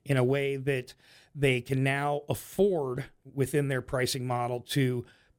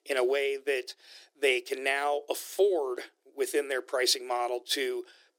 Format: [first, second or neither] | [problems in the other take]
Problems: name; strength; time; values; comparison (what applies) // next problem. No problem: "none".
first | thin; very; fading below 350 Hz